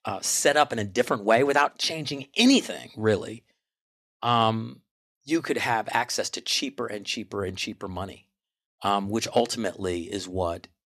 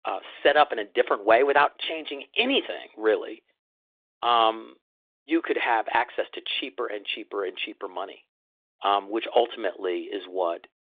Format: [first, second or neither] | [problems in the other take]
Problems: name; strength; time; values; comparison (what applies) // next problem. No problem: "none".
first | phone-call audio